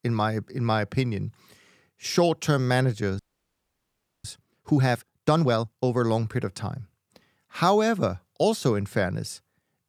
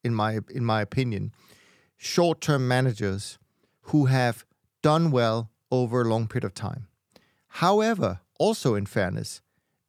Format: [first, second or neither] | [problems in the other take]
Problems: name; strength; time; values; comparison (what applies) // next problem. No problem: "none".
second | audio freezing; at 3 s for 1 s